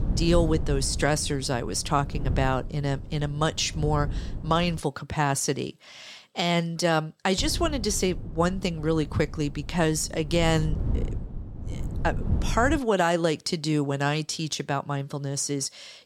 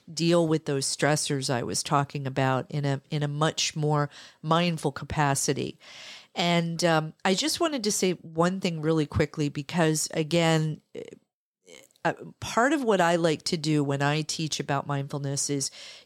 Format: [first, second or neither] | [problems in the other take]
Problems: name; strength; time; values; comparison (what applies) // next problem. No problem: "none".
second | wind noise on the microphone; occasional gusts; until 5 s and from 7.5 to 13 s; 20 dB below the speech